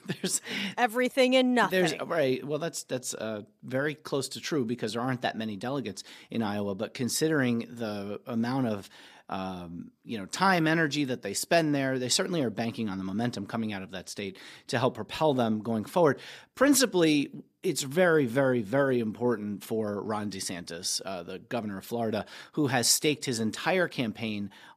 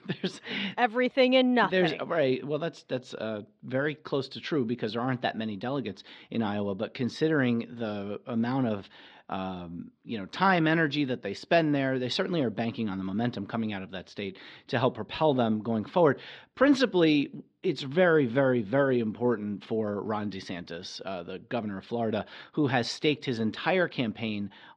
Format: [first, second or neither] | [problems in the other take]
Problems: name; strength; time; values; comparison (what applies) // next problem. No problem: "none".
first | muffled; slightly; fading above 4 kHz